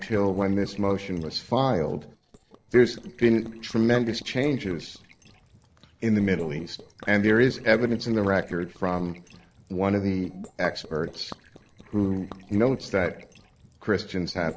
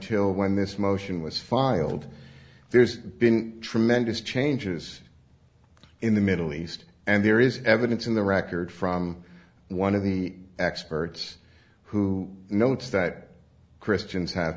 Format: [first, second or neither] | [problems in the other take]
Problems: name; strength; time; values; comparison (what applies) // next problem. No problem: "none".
second | noise reduction (neural separator model SepFormer DNS4)